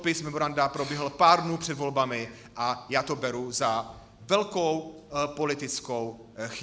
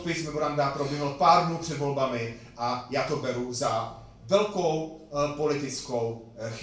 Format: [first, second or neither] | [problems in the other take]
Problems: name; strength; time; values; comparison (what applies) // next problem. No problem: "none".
first | room echo; dies away in 0.3 s